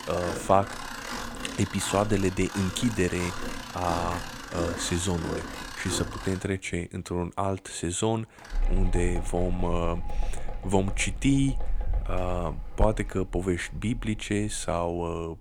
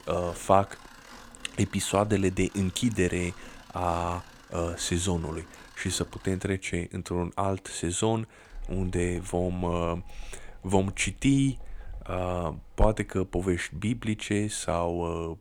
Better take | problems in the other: second | machinery noise; loud; throughout; 8 dB below the speech; faint in the second

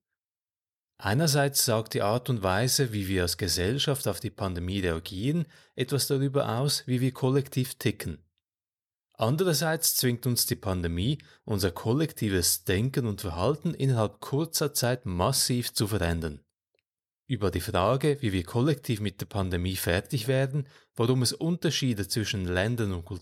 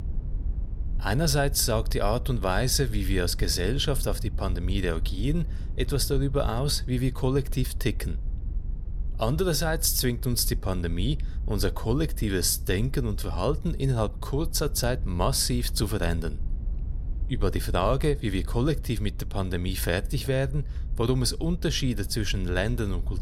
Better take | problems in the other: first | low rumble; faint; throughout; 20 dB below the speech

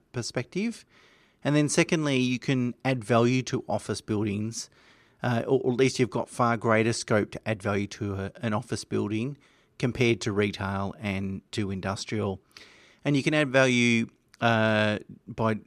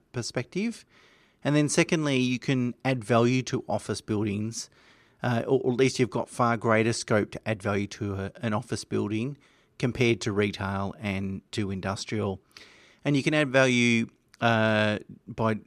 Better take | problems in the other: neither | none

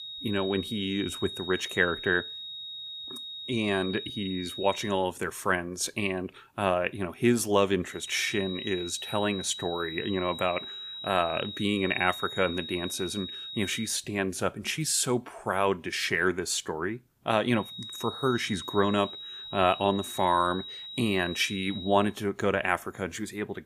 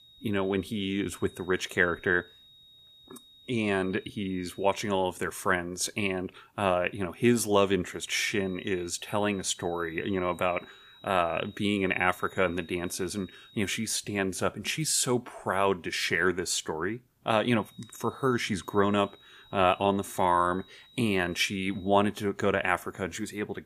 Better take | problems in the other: second | high-pitched whine; loud; until 5 s, from 8 to 14 s and from 18 to 22 s; 4 kHz, 9 dB below the speech; faint in the second

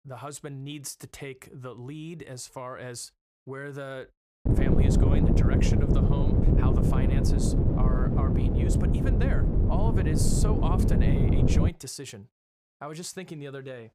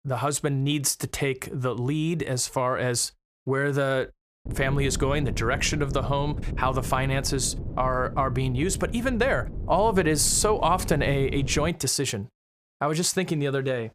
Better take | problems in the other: second | wind noise on the microphone; heavy; from 4.5 to 12 s; 4 dB above the speech; occasional gusts in the second

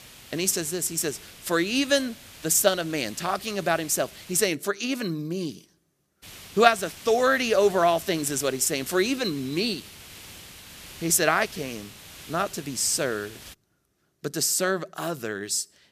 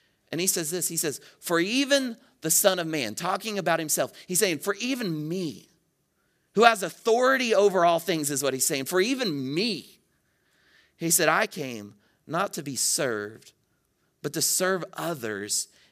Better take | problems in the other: second | hiss; noticeable; until 4.5 s and from 6 to 14 s; 20 dB below the speech

